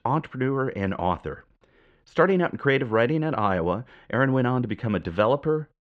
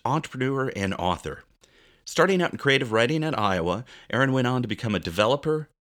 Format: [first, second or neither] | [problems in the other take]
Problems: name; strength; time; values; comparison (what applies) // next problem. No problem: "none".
second | muffled; very; fading above 1.5 kHz